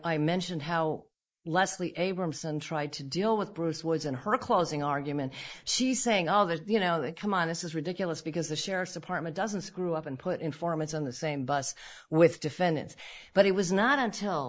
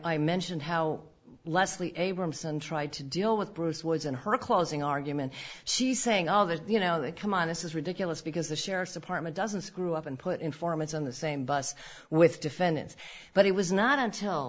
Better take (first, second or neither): second